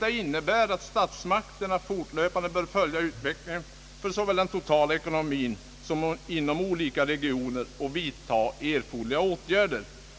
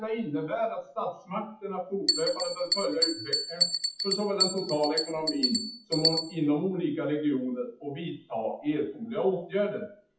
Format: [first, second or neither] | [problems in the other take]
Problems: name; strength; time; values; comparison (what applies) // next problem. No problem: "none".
first | noise reduction (classical method WPE with log-MMSE)